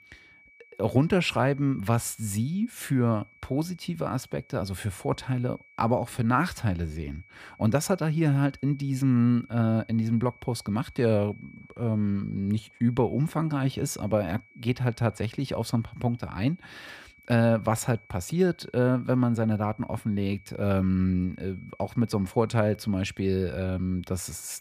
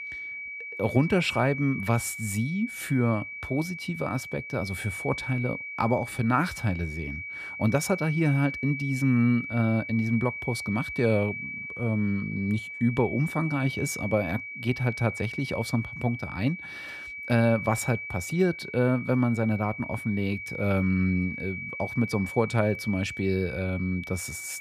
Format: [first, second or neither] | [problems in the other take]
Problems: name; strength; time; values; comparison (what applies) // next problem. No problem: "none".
first | high-pitched whine; loud; throughout; 2.5 kHz, 8 dB below the speech; faint in the first